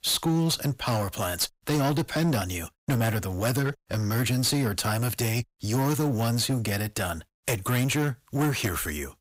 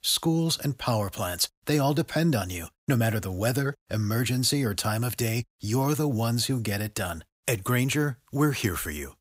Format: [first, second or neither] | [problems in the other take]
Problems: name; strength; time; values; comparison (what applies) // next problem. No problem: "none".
second | distortion; slight; 15% of the sound clipped